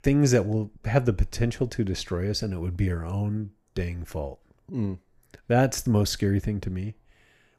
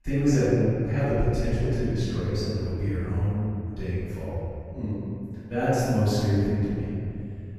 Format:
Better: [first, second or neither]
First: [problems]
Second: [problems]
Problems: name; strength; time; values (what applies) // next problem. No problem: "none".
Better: first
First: none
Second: off-mic speech; far // room echo; strong; dies away in 2.7 s